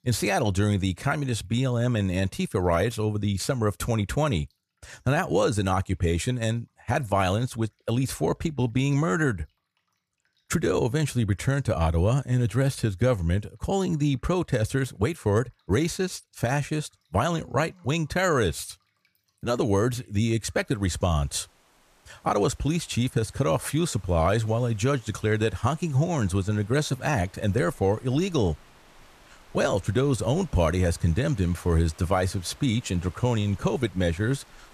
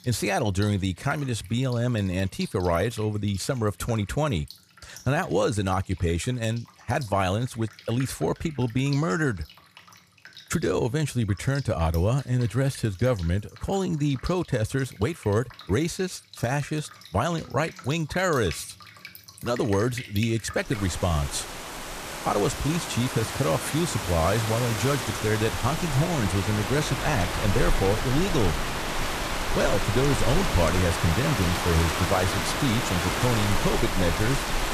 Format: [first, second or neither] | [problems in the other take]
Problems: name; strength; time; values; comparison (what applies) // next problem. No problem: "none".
first | rain or running water; loud; throughout; 3 dB below the speech; faint in the first